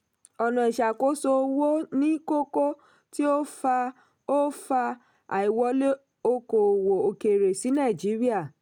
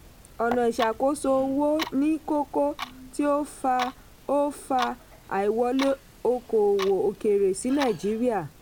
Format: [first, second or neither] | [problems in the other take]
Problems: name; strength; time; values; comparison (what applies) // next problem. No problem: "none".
first | background sound (Clock); 15 dB below the speech